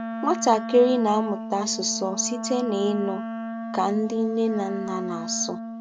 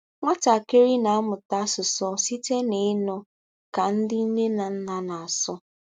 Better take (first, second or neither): second